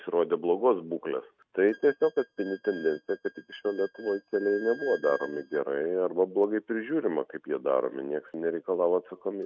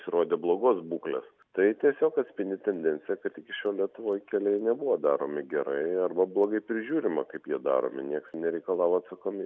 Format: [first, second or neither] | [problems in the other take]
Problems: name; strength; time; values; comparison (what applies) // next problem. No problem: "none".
second | noise reduction (neural mask model RNNoise)